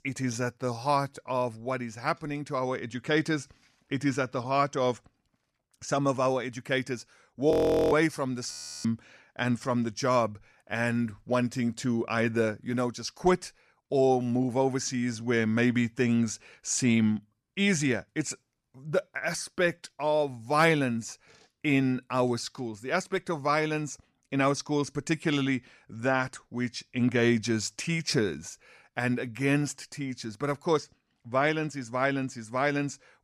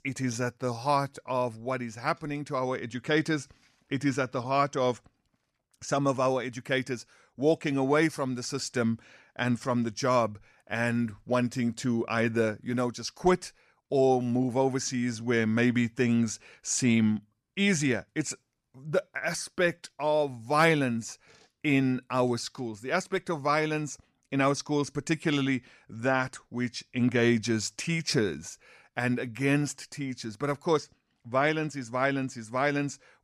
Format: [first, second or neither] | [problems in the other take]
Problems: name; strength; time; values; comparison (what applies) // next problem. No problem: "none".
second | audio freezing; at 7.5 s and at 8.5 s